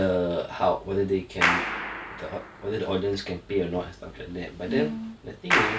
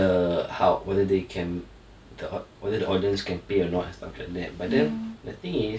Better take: second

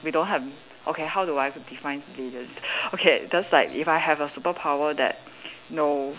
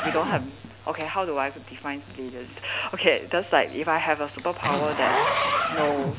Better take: first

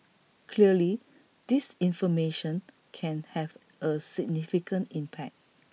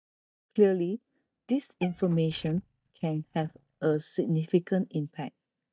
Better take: first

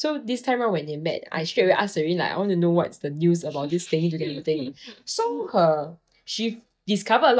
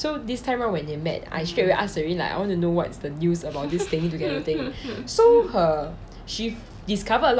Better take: second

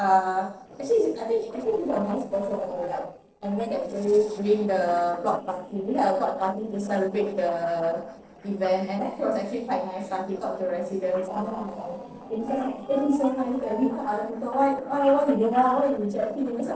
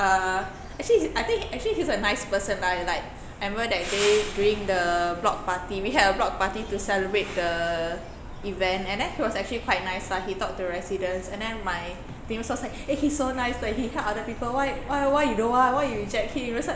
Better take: second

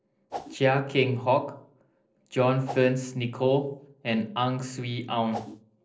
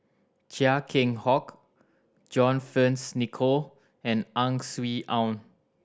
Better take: second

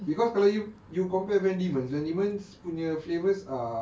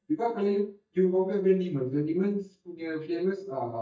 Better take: first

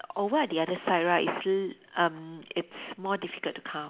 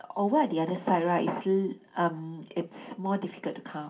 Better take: first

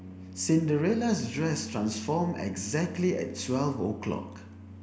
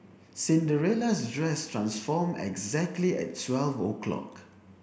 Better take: second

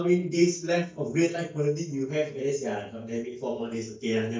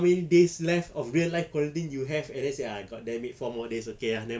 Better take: second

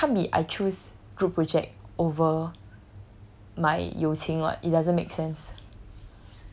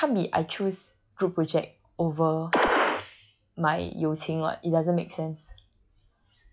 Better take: first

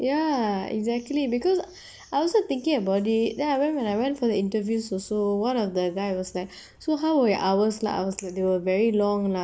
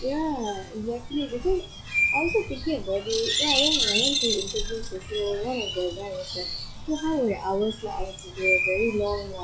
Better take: first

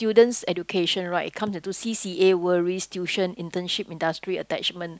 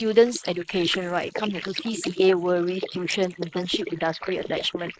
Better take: first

